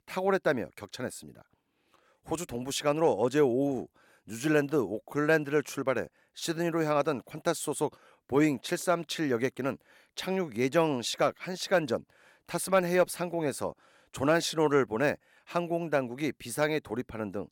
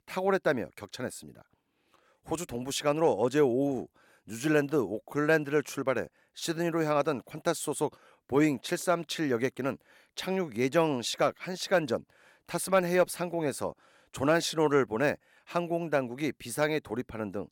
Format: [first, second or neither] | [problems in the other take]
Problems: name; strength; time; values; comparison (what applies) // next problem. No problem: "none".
neither | none